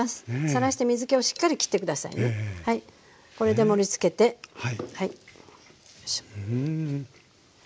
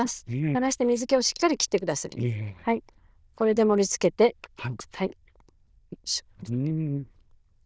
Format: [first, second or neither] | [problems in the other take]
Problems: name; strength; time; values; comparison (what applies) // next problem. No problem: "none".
first | noise reduction (neural diffusion model UNIVERSE++)